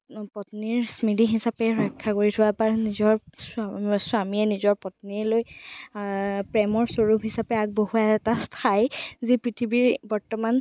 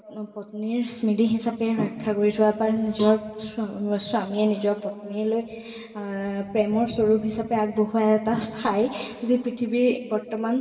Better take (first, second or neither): first